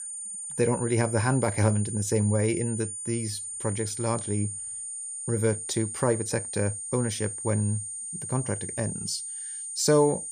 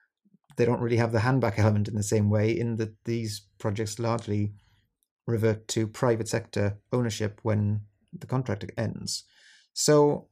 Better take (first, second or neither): second